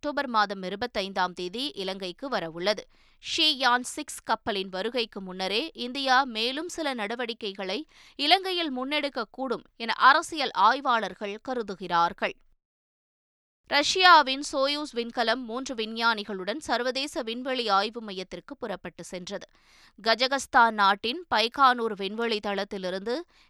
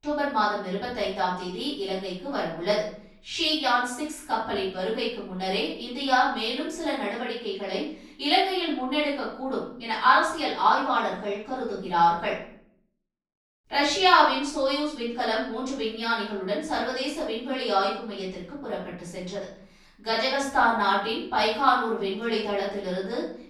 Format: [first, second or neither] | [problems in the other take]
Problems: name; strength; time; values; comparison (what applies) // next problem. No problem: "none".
first | off-mic speech; far // room echo; noticeable; dies away in 0.6 s